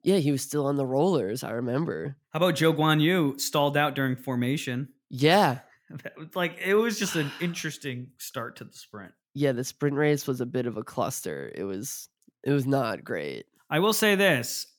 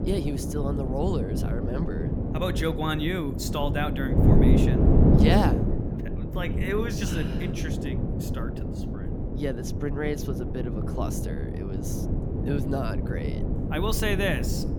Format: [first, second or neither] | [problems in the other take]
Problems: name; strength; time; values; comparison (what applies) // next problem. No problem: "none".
first | wind noise on the microphone; heavy; 2 dB below the speech